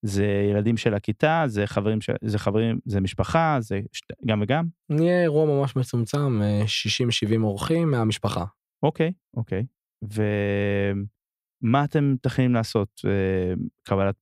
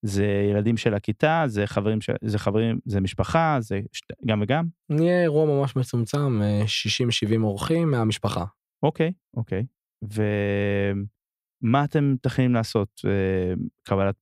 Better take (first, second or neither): neither